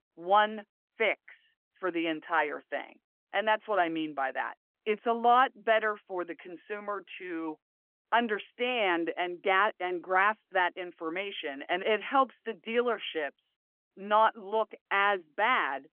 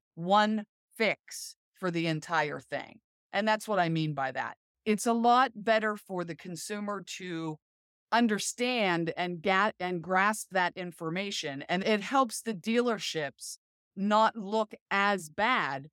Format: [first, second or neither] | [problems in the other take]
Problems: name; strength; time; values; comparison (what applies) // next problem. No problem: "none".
second | phone-call audio; nothing above 3.5 kHz